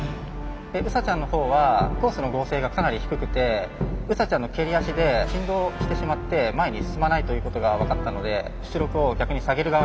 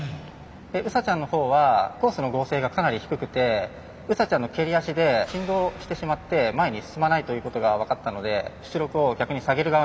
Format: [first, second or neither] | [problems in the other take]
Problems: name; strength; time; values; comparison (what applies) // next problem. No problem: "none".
second | background sound (Brass instrument); 5 dB below the speech